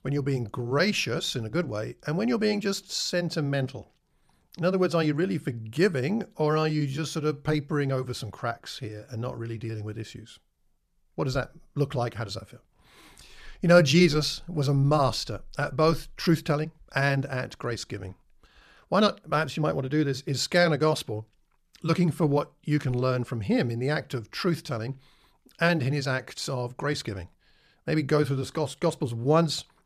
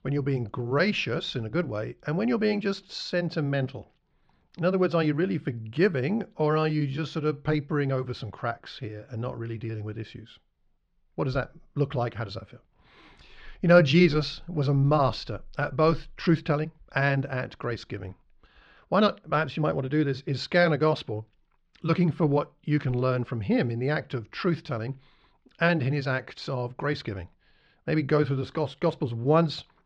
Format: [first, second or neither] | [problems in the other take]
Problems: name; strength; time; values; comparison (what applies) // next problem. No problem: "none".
first | muffled; very slightly; fading above 4 kHz